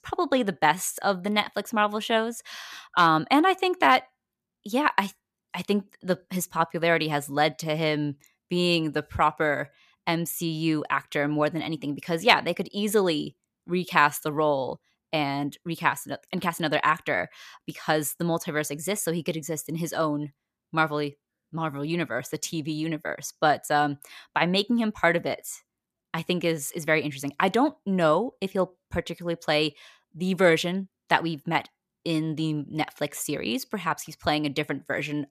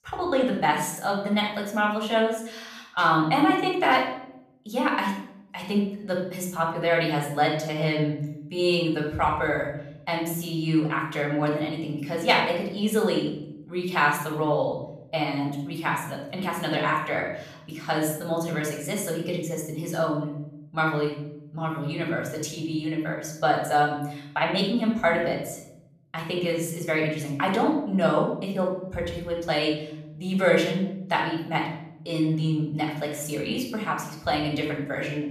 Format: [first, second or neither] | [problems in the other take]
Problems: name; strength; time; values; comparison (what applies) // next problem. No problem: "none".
first | off-mic speech; far // room echo; noticeable; dies away in 0.8 s